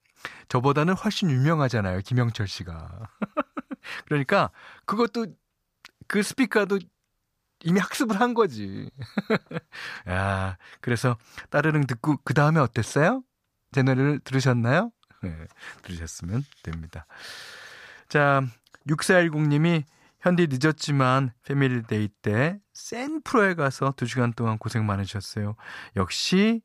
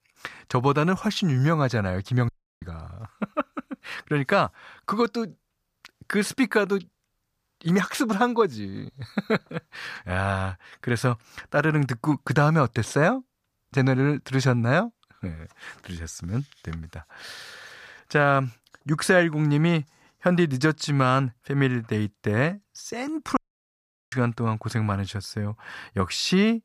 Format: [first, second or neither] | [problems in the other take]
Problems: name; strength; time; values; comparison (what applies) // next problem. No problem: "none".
first | audio cutting out; at 2.5 s and at 23 s for 1 s